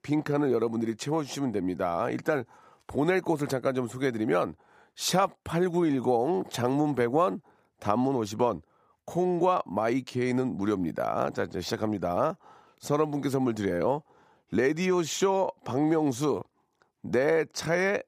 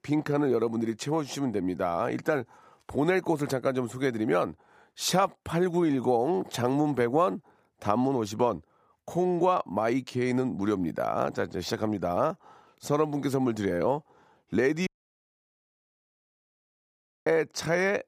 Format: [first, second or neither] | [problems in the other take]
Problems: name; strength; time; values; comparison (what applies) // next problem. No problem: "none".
first | audio cutting out; at 15 s for 2.5 s